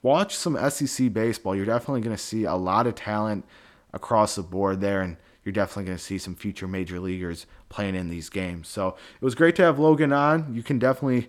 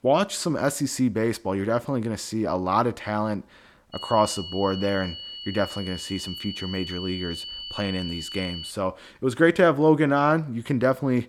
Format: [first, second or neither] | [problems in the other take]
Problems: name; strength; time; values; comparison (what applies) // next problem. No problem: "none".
first | high-pitched whine; loud; from 4 to 8.5 s; 3 kHz, 10 dB below the speech